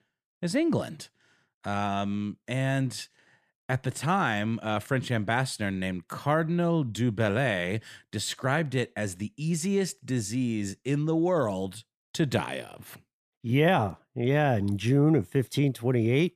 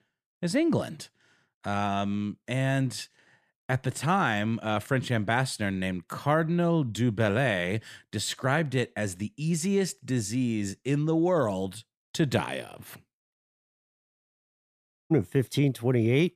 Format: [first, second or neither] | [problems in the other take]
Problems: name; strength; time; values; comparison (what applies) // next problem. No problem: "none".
first | audio cutting out; at 13 s for 2 s